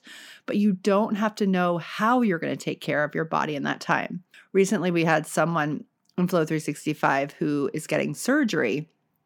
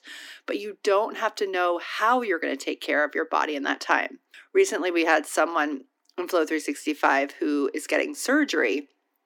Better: first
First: none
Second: thin; somewhat; fading below 250 Hz

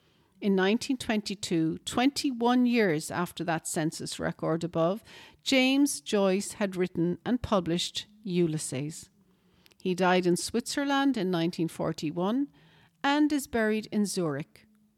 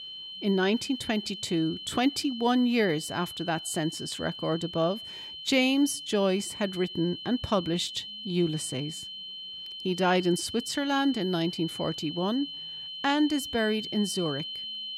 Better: first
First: none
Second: high-pitched whine; loud; throughout; 3 kHz, 9 dB below the speech

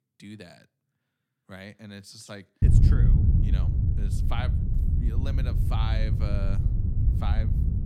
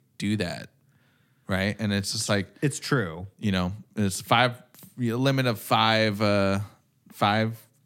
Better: second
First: wind noise on the microphone; heavy; from 2.5 s on; 1 dB above the speech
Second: none

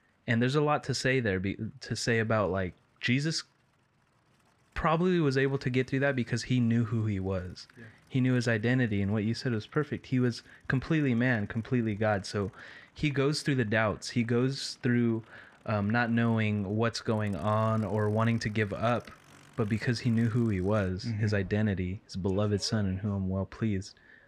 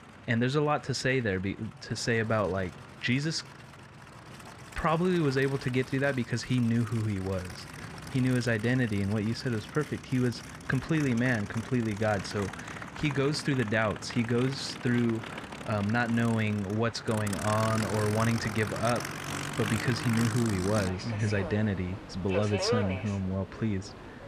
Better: first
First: train or aircraft noise; faint; throughout; 30 dB below the speech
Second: train or aircraft noise; loud; throughout; 10 dB below the speech

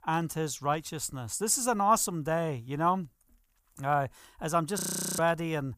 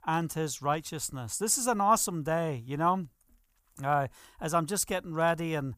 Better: second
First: audio freezing; at 5 s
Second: none

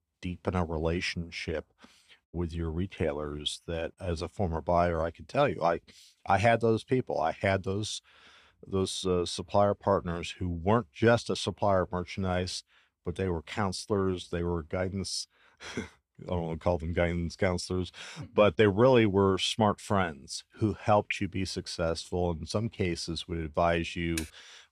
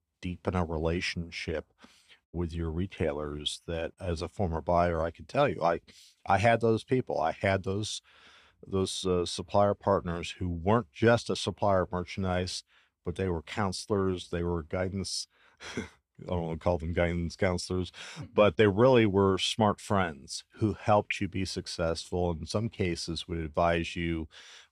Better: second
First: keyboard typing; faint; at 24 s; peak 10 dB below the speech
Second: none

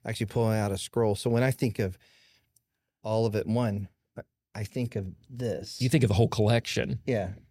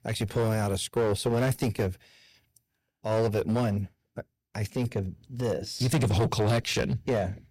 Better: first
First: none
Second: distortion; heavy; 8% of the sound clipped

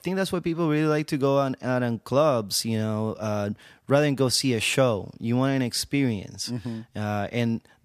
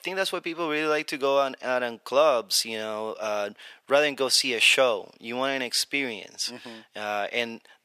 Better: first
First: none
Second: thin; somewhat; fading below 550 Hz

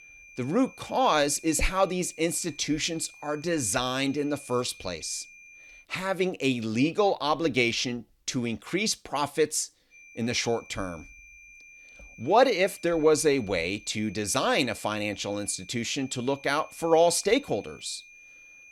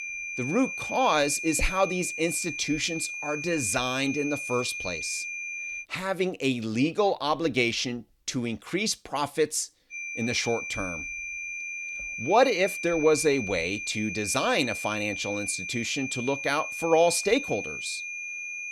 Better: first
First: high-pitched whine; faint; until 6 s and from 10 s on; 2.5 kHz, 20 dB below the speech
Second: high-pitched whine; loud; until 6 s and from 10 s on; 2.5 kHz, 6 dB below the speech

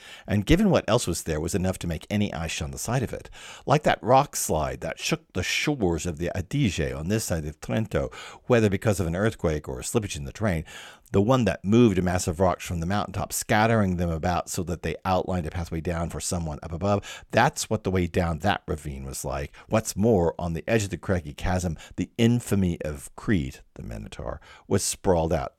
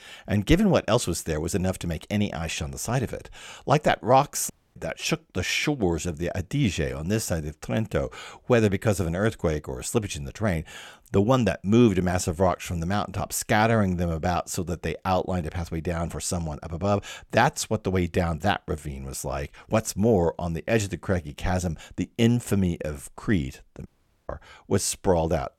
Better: first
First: none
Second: audio cutting out; at 4.5 s and at 24 s

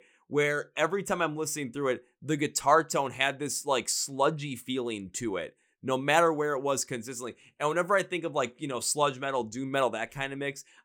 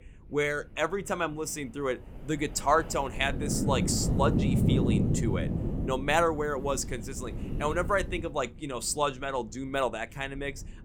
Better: first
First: none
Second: wind noise on the microphone; heavy; 9 dB below the speech

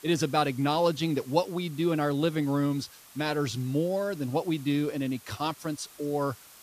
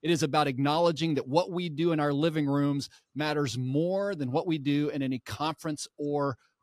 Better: second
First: hiss; faint; throughout; 20 dB below the speech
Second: none

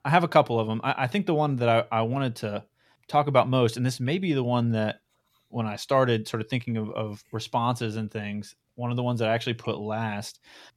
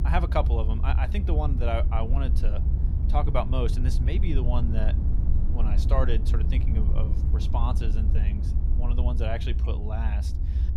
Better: first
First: none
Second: low rumble; loud; throughout; 9 dB below the speech

